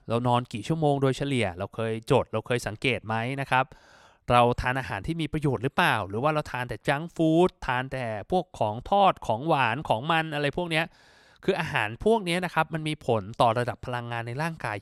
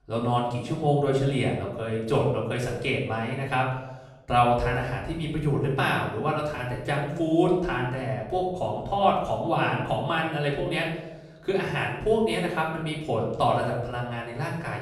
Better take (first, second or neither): first